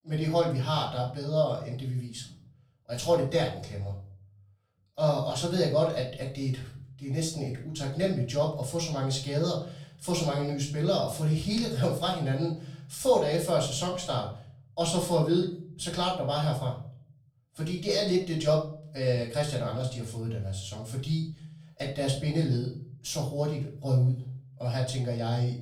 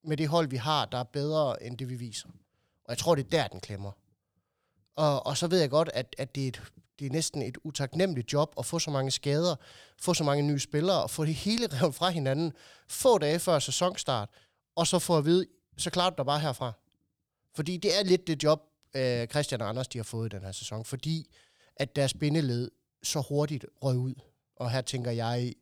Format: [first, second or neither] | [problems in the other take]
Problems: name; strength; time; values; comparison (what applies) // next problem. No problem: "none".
second | off-mic speech; far // room echo; slight; dies away in 0.5 s